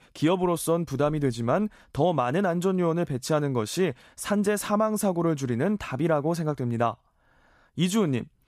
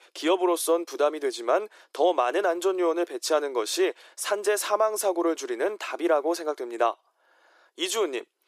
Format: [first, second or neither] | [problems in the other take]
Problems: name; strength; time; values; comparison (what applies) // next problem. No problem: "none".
first | thin; very; fading below 350 Hz